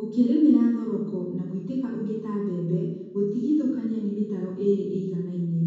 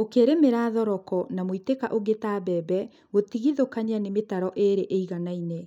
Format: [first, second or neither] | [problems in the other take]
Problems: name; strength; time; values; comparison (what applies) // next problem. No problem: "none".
second | room echo; dies away in 1.1 s